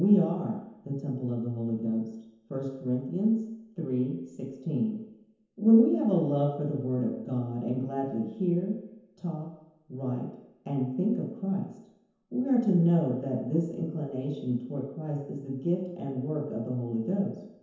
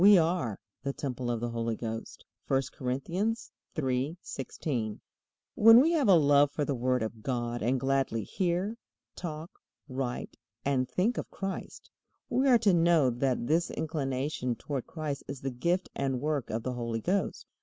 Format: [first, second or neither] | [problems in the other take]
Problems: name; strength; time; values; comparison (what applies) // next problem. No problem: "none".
second | room echo; dies away in 1 s